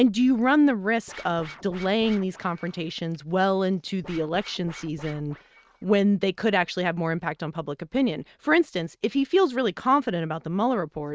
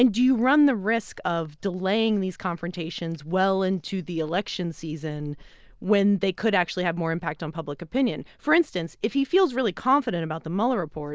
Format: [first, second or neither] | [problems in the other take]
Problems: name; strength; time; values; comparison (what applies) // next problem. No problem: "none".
second | noise reduction (neural mask model RNNoise)